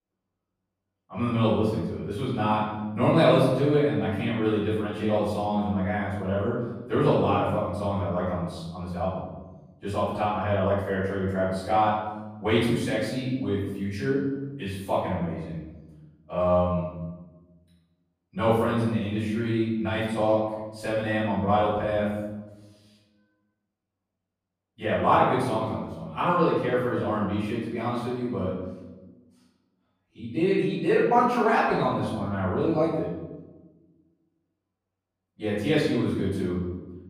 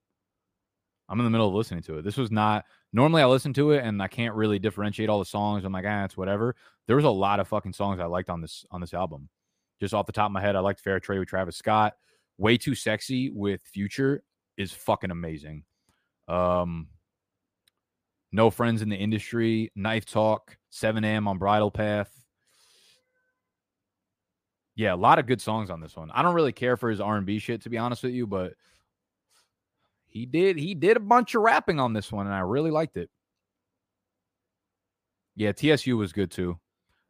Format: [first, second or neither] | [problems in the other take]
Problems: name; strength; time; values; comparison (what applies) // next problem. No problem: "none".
second | off-mic speech; far // room echo; noticeable; dies away in 1.1 s